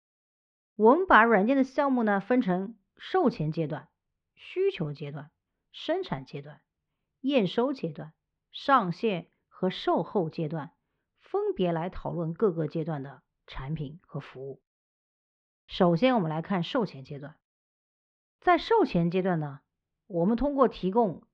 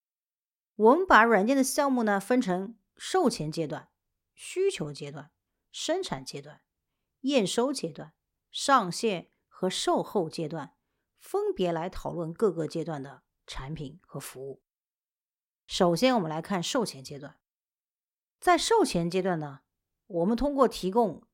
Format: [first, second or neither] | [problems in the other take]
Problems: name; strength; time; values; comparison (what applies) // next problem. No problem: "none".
second | muffled; slightly; fading above 3.5 kHz